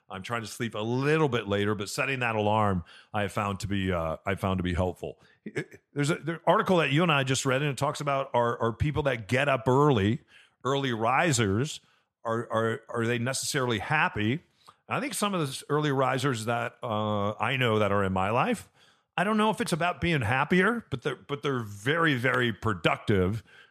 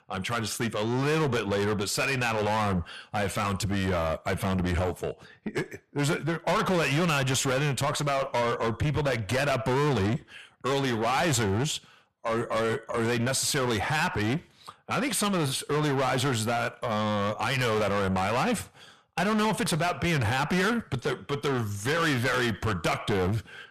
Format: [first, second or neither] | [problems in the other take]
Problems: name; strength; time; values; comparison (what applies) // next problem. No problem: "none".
first | distortion; heavy; 5 dB below the speech